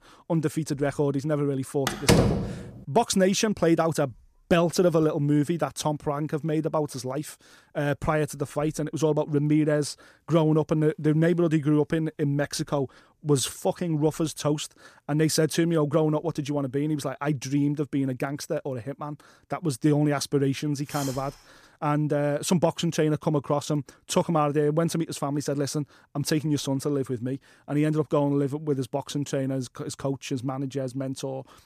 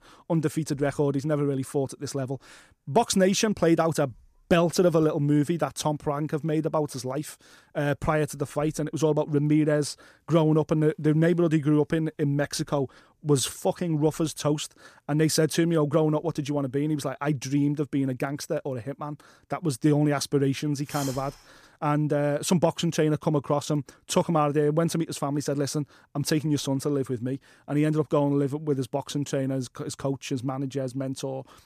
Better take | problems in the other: second | door banging; loud; at 2 s; peak 5 dB above the speech

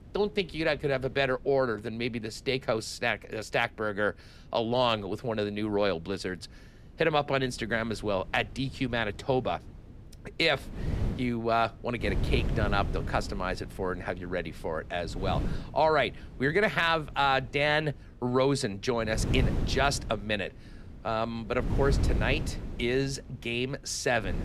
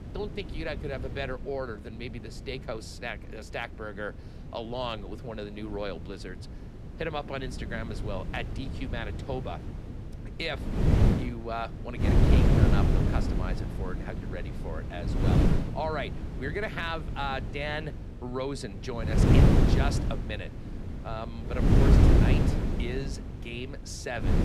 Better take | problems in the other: first | wind noise on the microphone; heavy; 1 dB above the speech; occasional gusts in the first

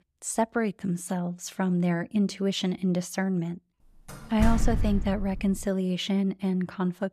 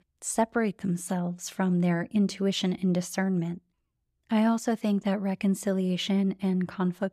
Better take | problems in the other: second | door banging; noticeable; from 4.5 to 5.5 s; peak 1 dB below the speech

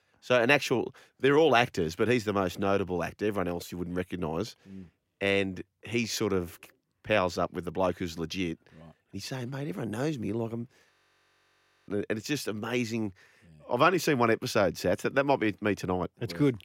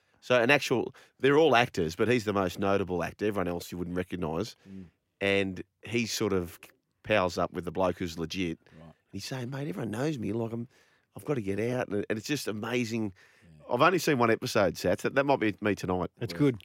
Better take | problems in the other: second | audio freezing; at 11 s for 1 s

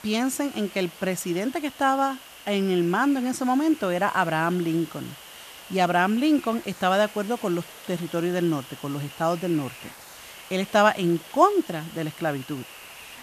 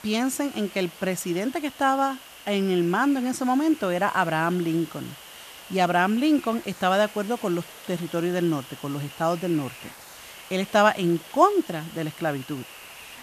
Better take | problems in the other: neither | hiss; noticeable; throughout; 15 dB below the speech; the same in both

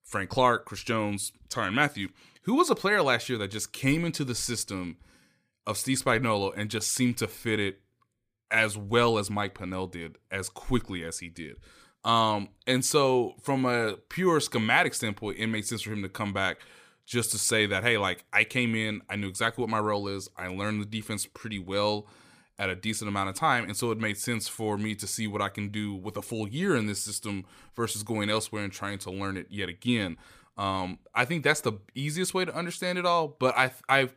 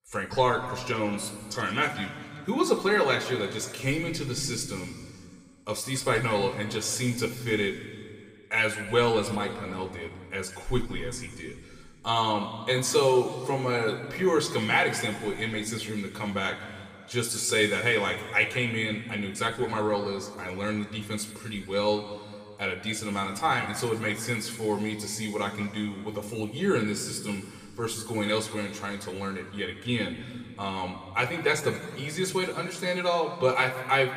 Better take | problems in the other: first | room echo; slight; dies away in 1.9 s // off-mic speech; somewhat distant

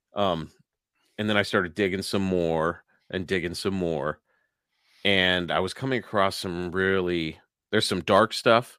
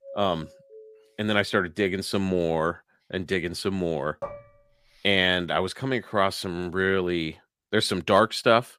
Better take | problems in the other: first | doorbell; faint; until 1 s; peak 15 dB below the speech // clattering dishes; faint; at 4 s; peak 15 dB below the speech

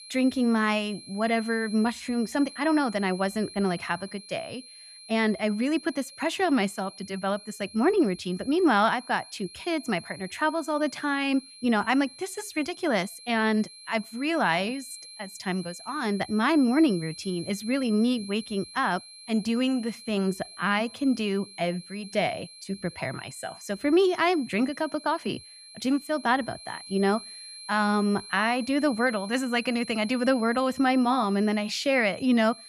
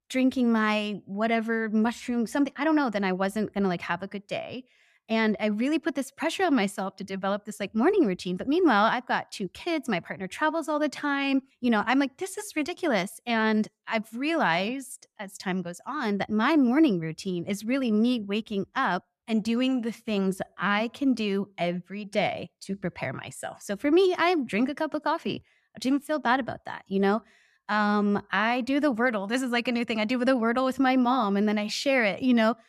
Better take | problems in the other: second | high-pitched whine; noticeable; throughout; 4 kHz, 15 dB below the speech

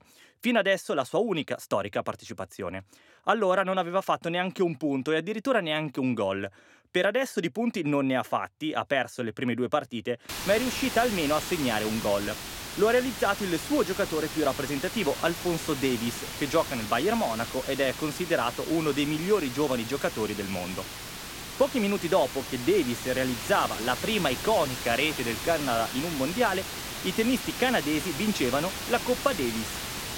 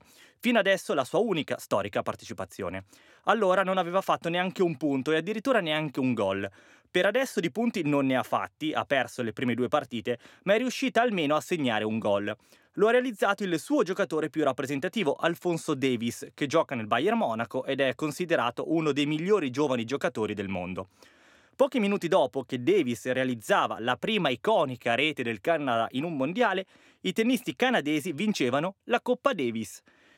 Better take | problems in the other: second | hiss; loud; from 10 s on; 7 dB below the speech

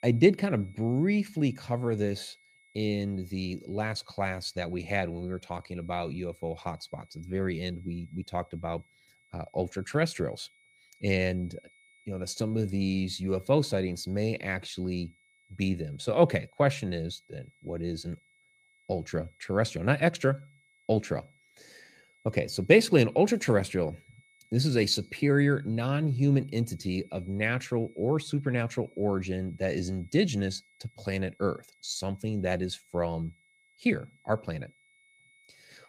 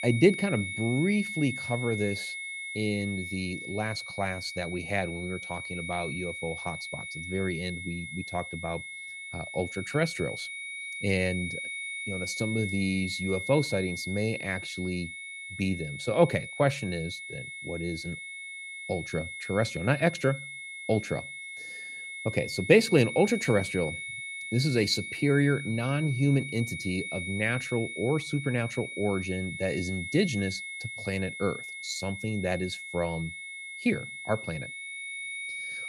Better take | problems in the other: first | high-pitched whine; loud; throughout; 2 kHz, 6 dB below the speech; faint in the first

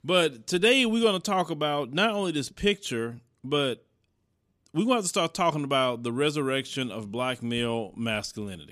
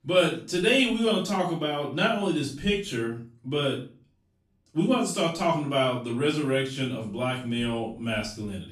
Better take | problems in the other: first | off-mic speech; far // room echo; slight; dies away in 0.4 s

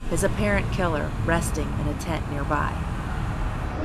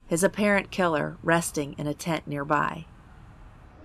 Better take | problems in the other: second | traffic noise; loud; throughout; 2 dB below the speech; faint in the second

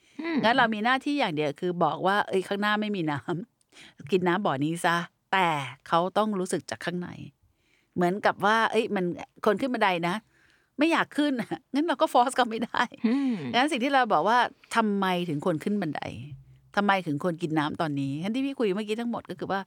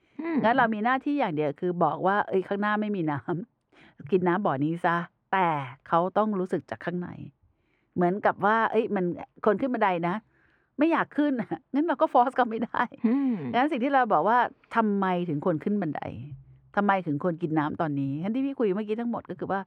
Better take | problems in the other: first | muffled; very; fading above 3 kHz

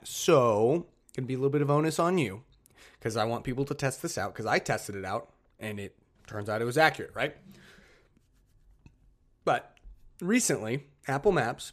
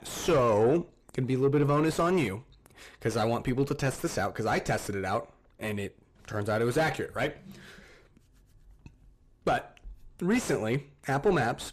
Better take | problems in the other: first | distortion; heavy; 6 dB below the speech

